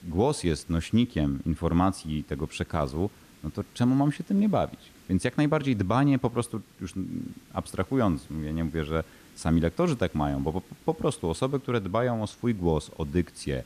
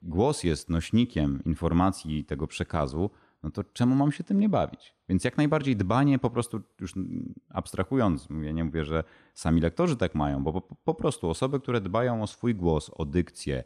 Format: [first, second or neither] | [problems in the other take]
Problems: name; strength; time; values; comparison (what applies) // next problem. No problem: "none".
second | hiss; faint; throughout; 25 dB below the speech